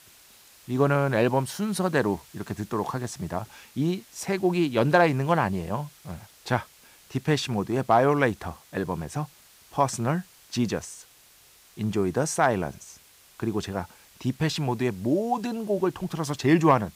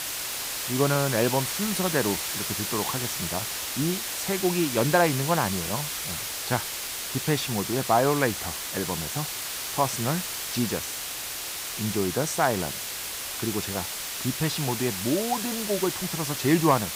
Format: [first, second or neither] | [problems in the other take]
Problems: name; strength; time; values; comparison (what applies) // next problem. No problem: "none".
first | hiss; loud; throughout; 2 dB below the speech; faint in the first